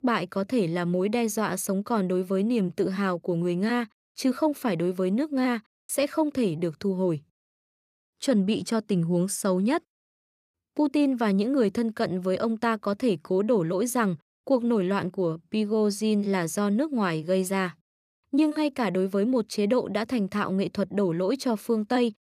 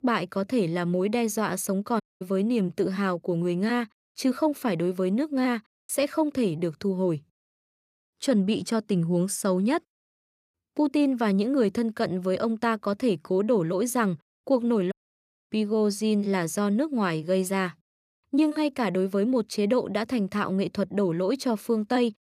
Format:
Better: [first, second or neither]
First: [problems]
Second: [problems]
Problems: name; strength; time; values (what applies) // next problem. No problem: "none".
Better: first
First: none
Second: audio cutting out; at 2 s and at 15 s for 0.5 s